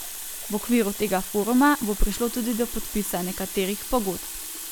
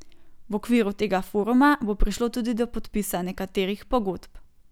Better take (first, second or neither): second